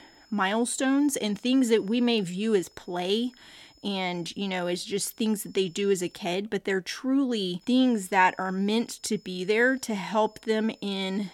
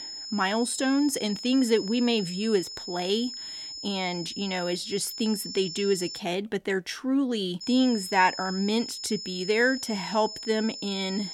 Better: first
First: high-pitched whine; faint; until 6 s and from 7.5 s on; 5 kHz, 30 dB below the speech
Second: high-pitched whine; loud; until 6 s and from 7.5 s on; 5 kHz, 9 dB below the speech

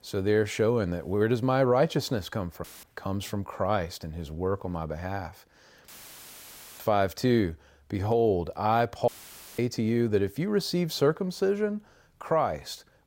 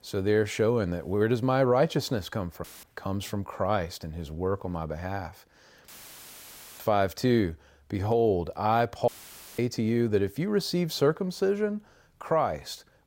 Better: neither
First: audio cutting out; filled with static; at 2.5 s, at 6 s for 1 s and at 9 s for 0.5 s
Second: audio cutting out; filled with static; at 2.5 s, at 6 s for 1 s and at 9 s for 0.5 s

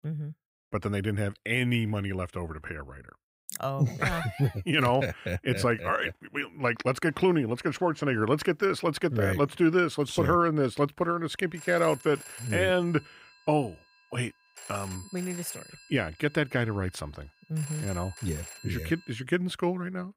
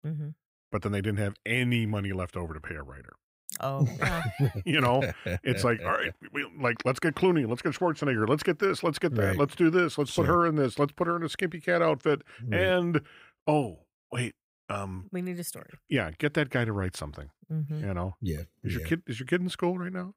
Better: second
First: phone ringing; faint; from 12 to 19 s; peak 10 dB below the speech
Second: none

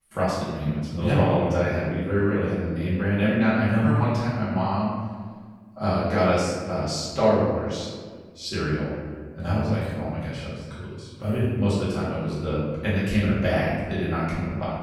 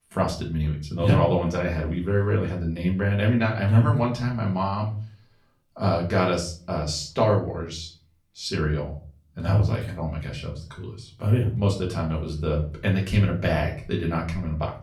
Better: second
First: room echo; strong; dies away in 1.4 s // off-mic speech; far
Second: room echo; slight; dies away in 0.4 s // off-mic speech; far

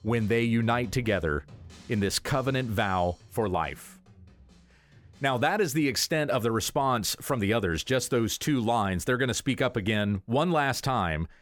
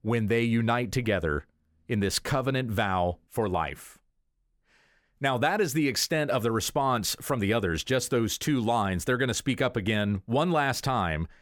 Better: second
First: background music; faint; throughout; 25 dB below the speech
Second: none

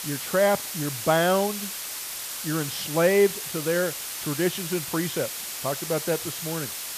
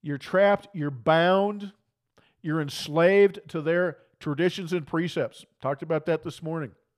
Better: second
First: hiss; loud; throughout; 5 dB below the speech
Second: none

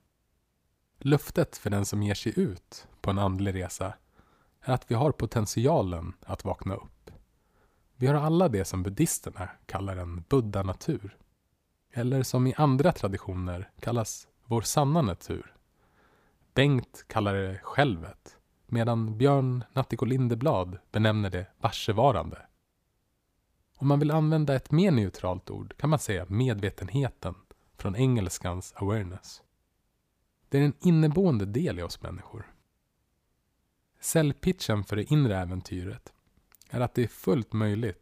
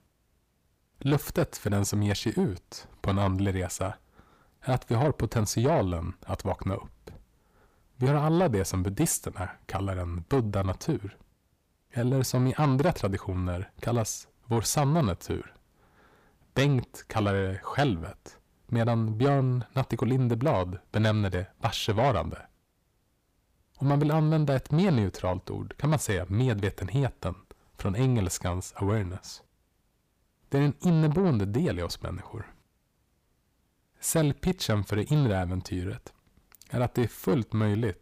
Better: first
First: none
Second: distortion; slight; 10 dB below the speech

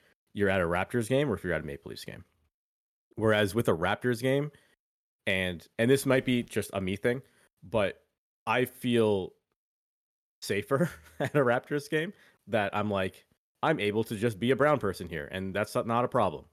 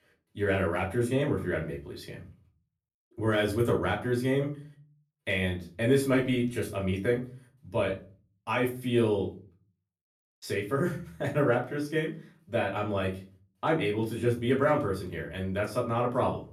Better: first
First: none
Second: off-mic speech; far // room echo; slight; dies away in 0.3 s

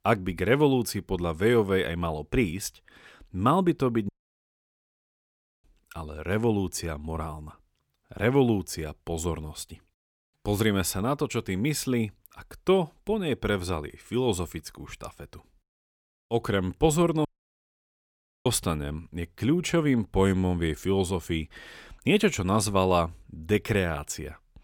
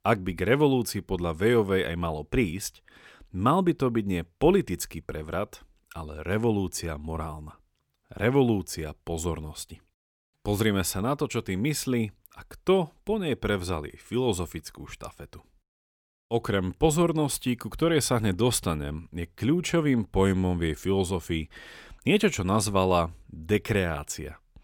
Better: second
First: audio cutting out; at 4 s for 1.5 s and at 17 s for 1 s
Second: none

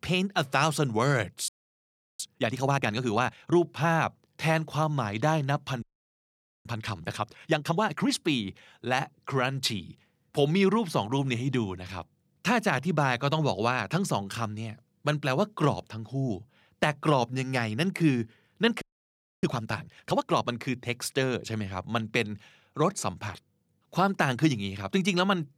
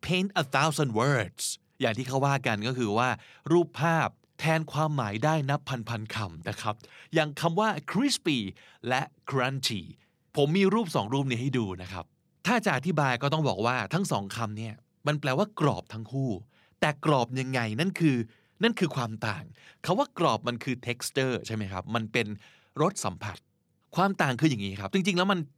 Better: second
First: audio freezing; at 1.5 s for 0.5 s, at 6 s for 1 s and at 19 s for 0.5 s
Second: none

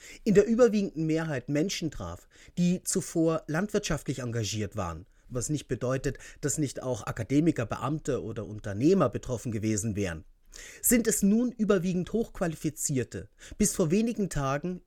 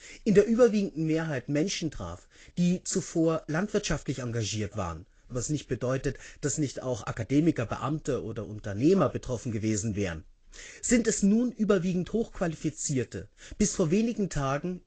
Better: first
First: none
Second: garbled, watery; slightly; nothing above 8 kHz

